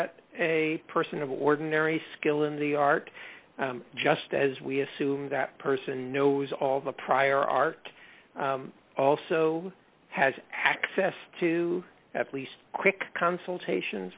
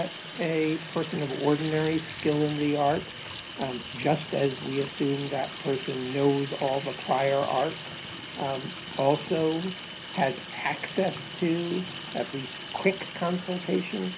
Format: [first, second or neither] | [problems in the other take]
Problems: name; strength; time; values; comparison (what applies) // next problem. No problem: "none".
first | background sound (Sink (filling or washing) / Water tap, faucet); 11 dB below the speech // room echo; dies away in 0.4 s